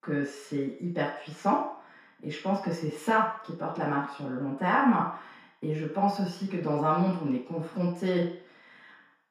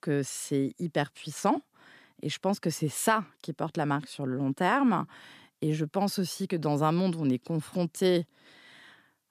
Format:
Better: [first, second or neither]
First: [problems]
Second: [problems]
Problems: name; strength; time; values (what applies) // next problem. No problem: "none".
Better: second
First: room echo; noticeable; dies away in 0.6 s // off-mic speech; far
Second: none